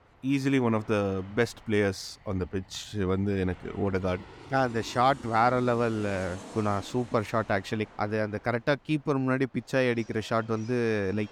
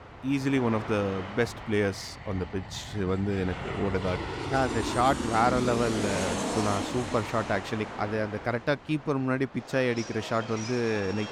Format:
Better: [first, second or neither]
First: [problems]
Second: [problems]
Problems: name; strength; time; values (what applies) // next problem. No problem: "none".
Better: first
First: train or aircraft noise; faint; throughout; 20 dB below the speech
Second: train or aircraft noise; loud; throughout; 6 dB below the speech